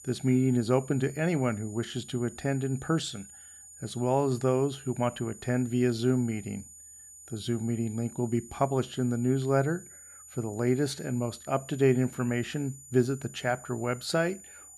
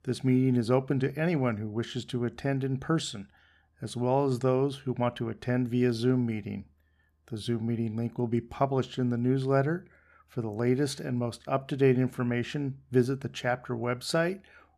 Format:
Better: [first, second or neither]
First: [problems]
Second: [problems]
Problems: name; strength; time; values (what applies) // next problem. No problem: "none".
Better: second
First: high-pitched whine; noticeable; throughout; 7 kHz, 20 dB below the speech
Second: none